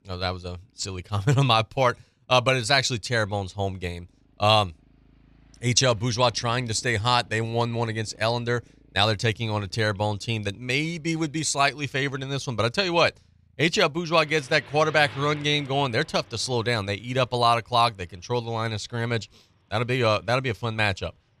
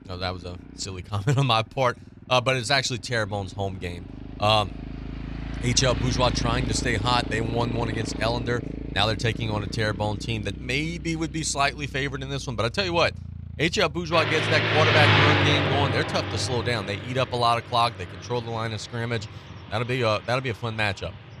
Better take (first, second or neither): first